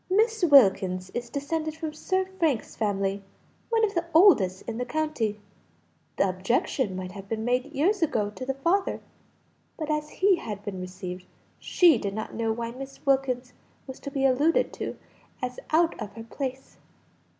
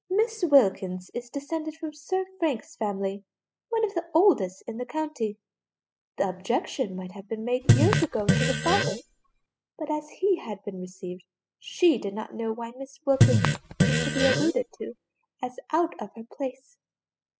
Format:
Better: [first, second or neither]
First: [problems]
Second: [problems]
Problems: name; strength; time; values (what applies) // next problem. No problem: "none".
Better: first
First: none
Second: noise reduction (classical method spectral subtraction)